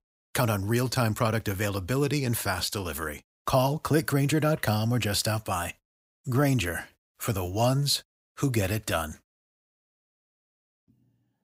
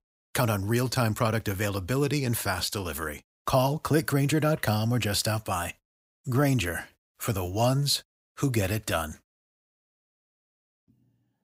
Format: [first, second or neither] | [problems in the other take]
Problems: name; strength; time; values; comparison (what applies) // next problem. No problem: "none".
neither | none